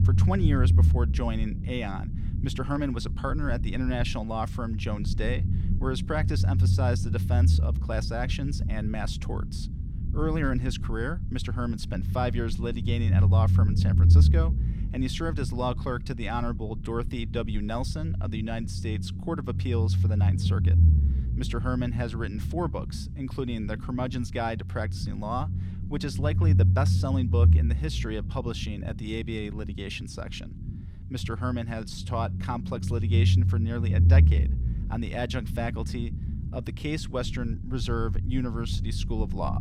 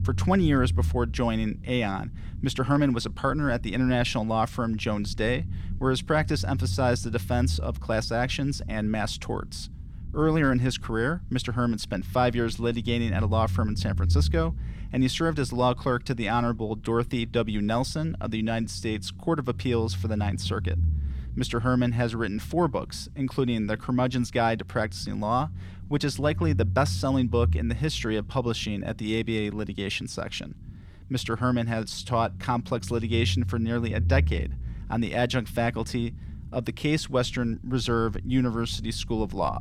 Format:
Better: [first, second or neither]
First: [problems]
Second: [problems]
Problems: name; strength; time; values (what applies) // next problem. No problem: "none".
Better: second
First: low rumble; loud; throughout; 8 dB below the speech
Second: low rumble; faint; throughout; 20 dB below the speech